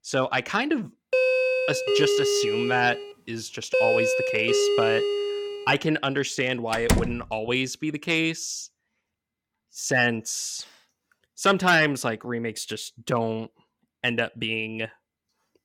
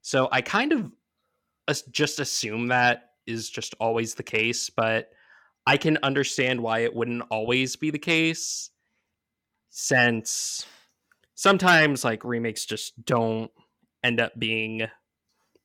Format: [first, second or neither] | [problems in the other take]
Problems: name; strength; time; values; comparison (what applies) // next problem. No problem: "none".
second | doorbell; loud; from 1 to 5.5 s; peak 5 dB above the speech // door banging; loud; at 6.5 s; peak 1 dB above the speech